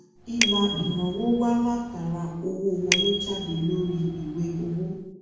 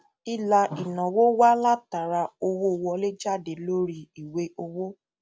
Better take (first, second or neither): second